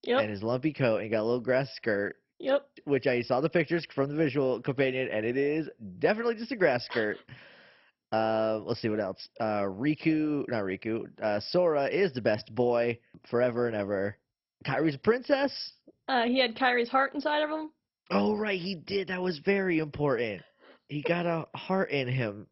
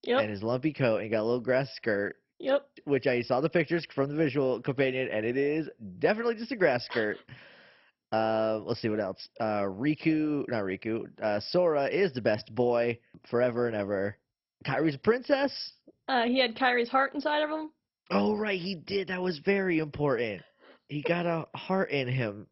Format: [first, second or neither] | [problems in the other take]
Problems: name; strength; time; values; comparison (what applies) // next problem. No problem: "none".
neither | garbled, watery; badly; nothing above 5.5 kHz; the same in both